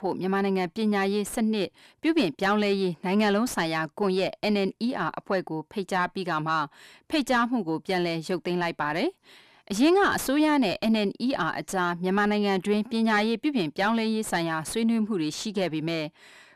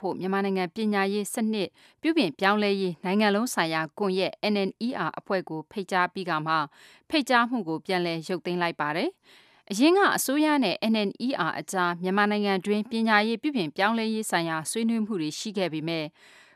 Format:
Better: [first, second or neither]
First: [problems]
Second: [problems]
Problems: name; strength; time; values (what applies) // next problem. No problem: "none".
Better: second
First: distortion; slight; 10 dB below the speech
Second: none